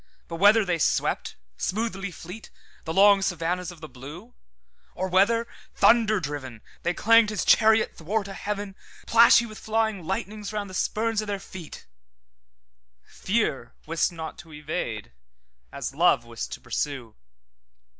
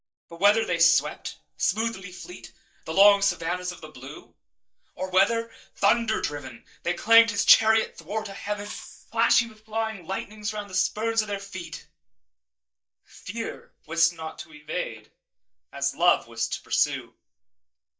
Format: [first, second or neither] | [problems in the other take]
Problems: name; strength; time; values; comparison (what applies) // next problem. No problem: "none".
first | noise reduction (neural mask model DeepFilterNet 3)